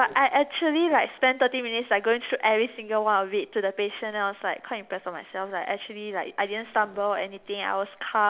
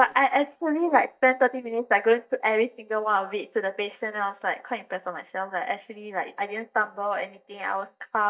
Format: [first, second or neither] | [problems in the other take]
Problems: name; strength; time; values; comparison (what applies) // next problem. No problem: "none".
first | noise reduction (neural mask model DeepFilterNet 3)